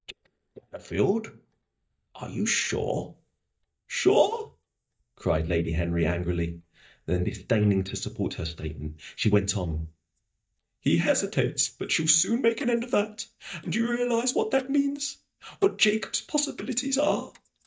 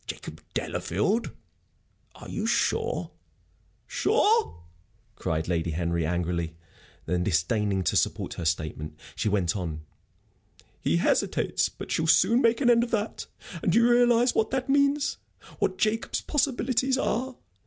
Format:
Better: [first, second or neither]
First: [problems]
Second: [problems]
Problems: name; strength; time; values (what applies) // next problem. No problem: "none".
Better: second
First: noise reduction (neural mask model DeepFilterNet 3)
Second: none